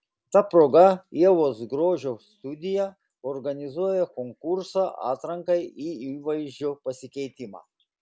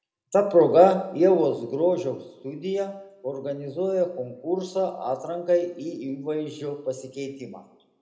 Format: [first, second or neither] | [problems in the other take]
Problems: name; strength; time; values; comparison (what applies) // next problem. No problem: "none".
first | room echo; dies away in 0.7 s